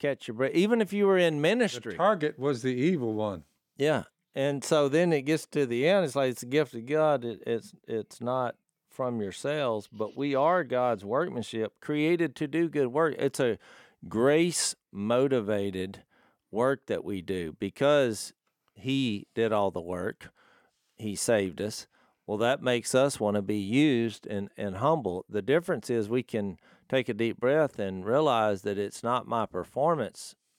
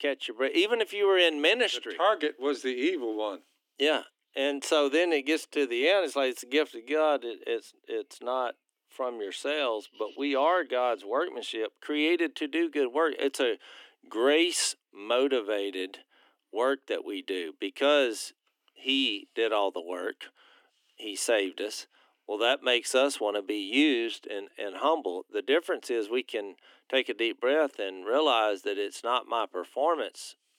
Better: first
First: none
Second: thin; very slightly; fading below 250 Hz

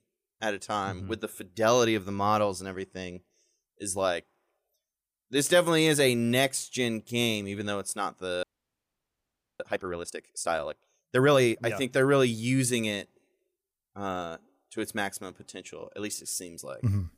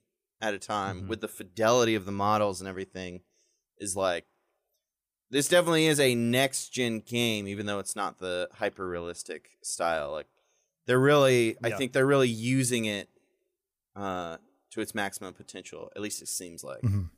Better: second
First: audio freezing; at 8.5 s for 1 s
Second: none

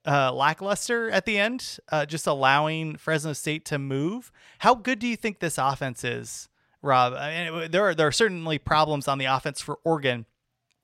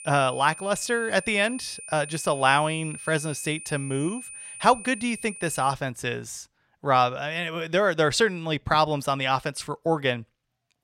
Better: first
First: none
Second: high-pitched whine; noticeable; until 5.5 s; 9 kHz, 15 dB below the speech

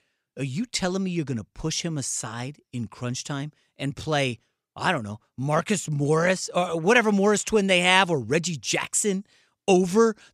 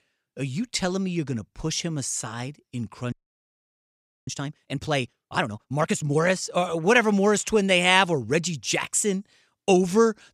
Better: first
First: none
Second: audio freezing; at 3 s for 1 s

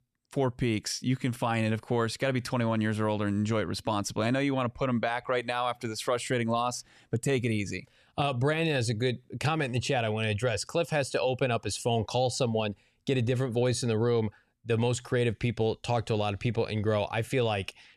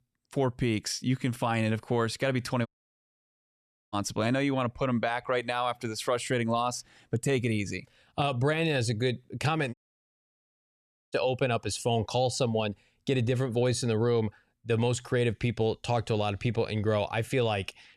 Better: first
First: none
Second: audio cutting out; at 2.5 s for 1.5 s and at 9.5 s for 1.5 s

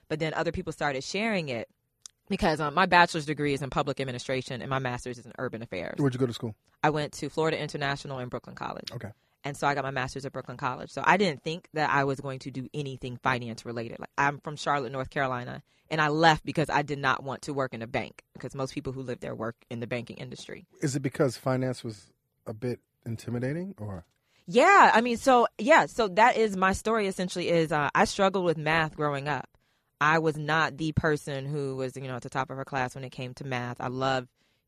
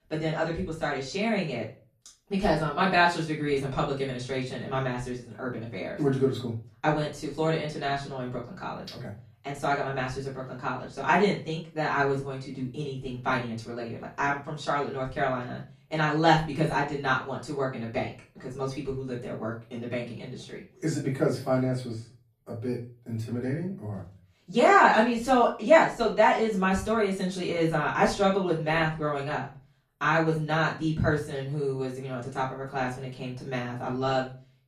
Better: first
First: none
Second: off-mic speech; far // room echo; slight; dies away in 0.3 s

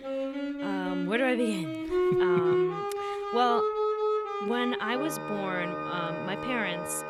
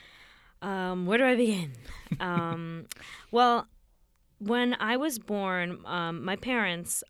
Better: second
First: background music; very loud; throughout; 1 dB above the speech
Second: none

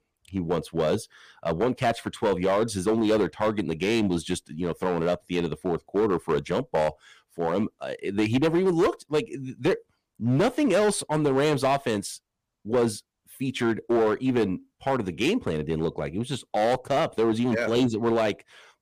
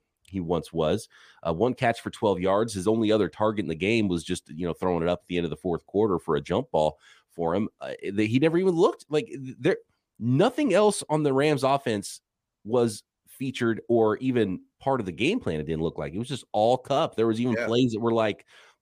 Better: second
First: distortion; slight; 6% of the sound clipped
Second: none

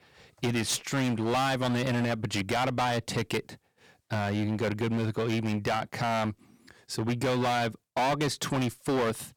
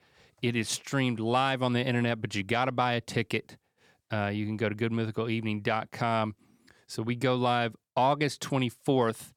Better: second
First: distortion; heavy; 17% of the sound clipped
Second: none

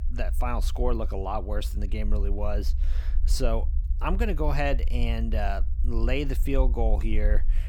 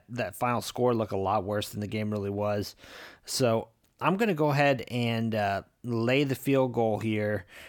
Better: second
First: low rumble; noticeable; throughout; 20 dB below the speech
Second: none

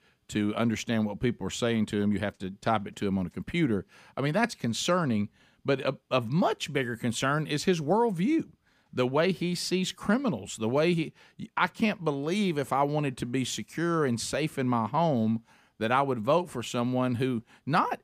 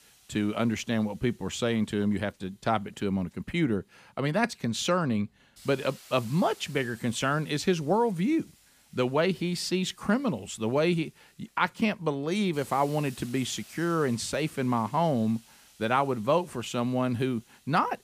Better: first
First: none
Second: hiss; faint; throughout; 25 dB below the speech

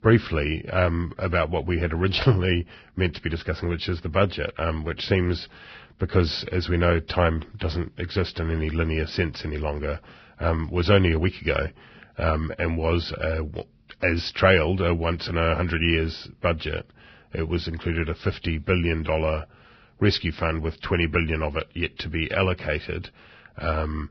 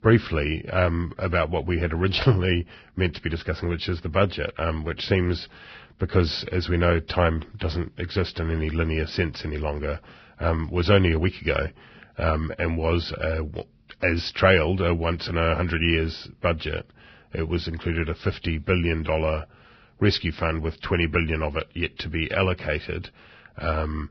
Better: neither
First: garbled, watery; badly; nothing above 5 kHz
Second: garbled, watery; badly; nothing above 5 kHz

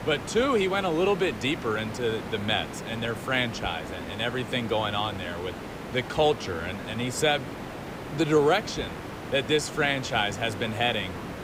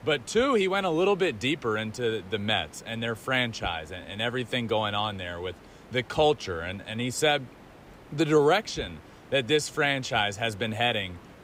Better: second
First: hiss; loud; throughout; 10 dB below the speech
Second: hiss; faint; throughout; 25 dB below the speech

